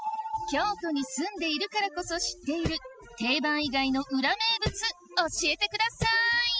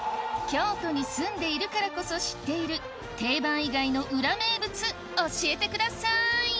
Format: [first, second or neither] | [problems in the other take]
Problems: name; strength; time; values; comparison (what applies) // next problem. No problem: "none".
second | noise reduction (classical method spectral subtraction)